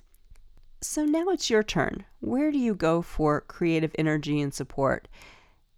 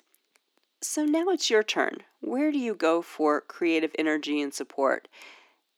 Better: first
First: none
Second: thin; very slightly; fading below 250 Hz

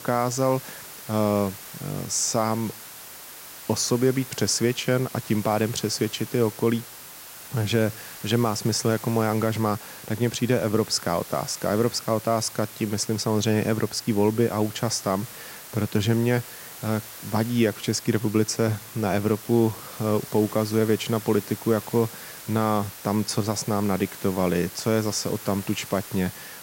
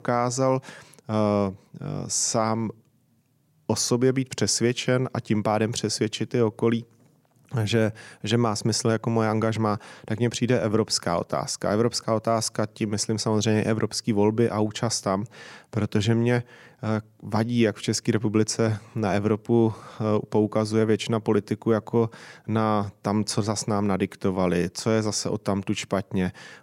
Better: second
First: hiss; noticeable; throughout; 15 dB below the speech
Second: none

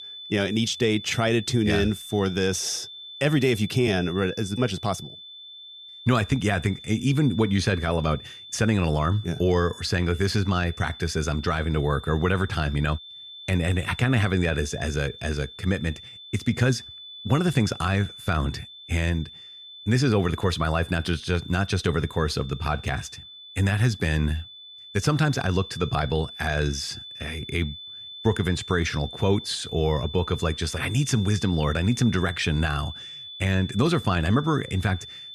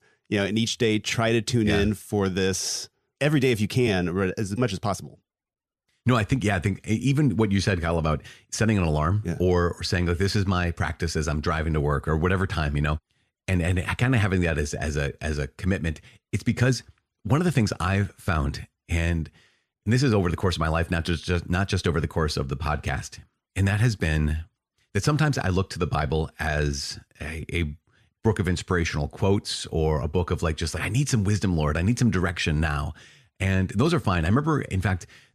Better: second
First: high-pitched whine; noticeable; throughout; 3.5 kHz, 15 dB below the speech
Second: none

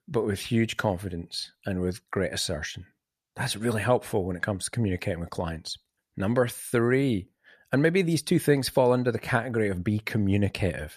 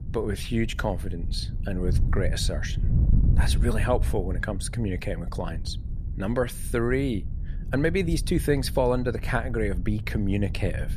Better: first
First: none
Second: wind noise on the microphone; occasional gusts; 15 dB below the speech

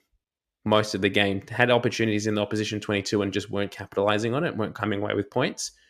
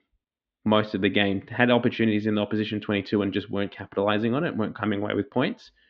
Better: first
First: none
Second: muffled; slightly; fading above 3.5 kHz

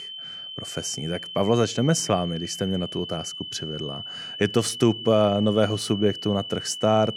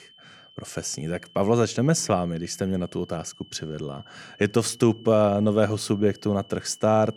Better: second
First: high-pitched whine; loud; throughout; 3 kHz, 9 dB below the speech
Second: high-pitched whine; faint; throughout; 3 kHz, 25 dB below the speech

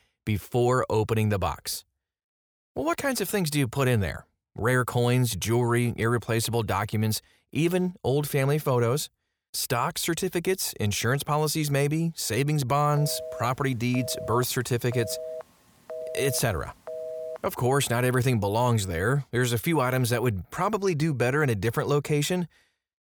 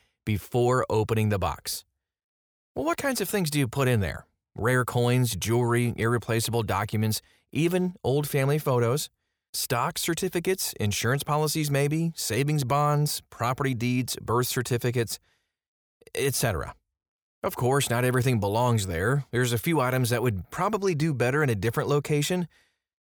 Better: second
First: phone ringing; noticeable; from 13 to 17 s; peak 9 dB below the speech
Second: none

